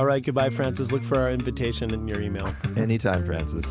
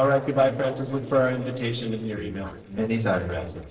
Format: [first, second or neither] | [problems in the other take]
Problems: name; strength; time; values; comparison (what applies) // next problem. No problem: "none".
first | noise reduction (neural separator model SepFormer DNS4)